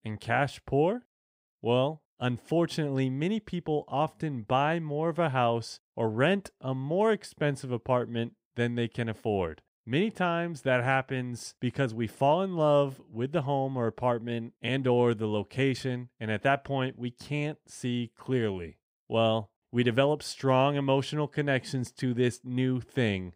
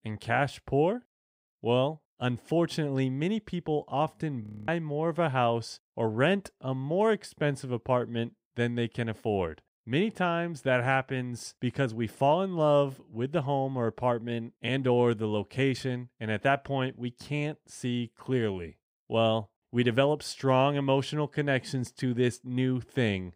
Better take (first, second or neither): first